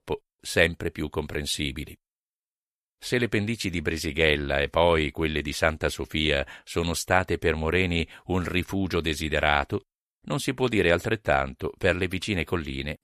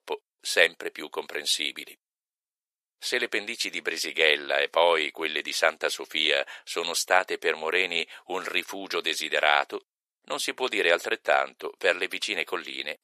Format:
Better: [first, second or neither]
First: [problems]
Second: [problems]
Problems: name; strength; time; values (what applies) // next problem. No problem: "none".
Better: first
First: none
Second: thin; very; fading below 450 Hz